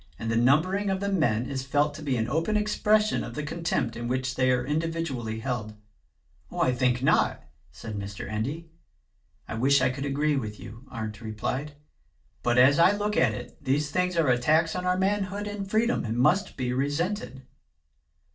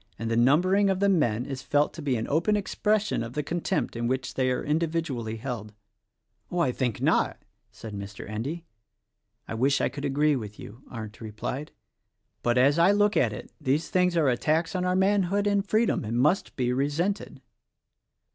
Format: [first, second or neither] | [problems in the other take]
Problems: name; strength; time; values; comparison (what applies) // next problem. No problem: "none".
second | room echo; dies away in 0.2 s